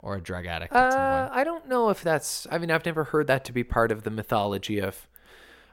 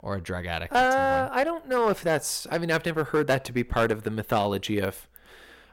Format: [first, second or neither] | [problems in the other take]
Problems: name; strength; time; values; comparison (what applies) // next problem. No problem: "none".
first | distortion; slight; 5% of the sound clipped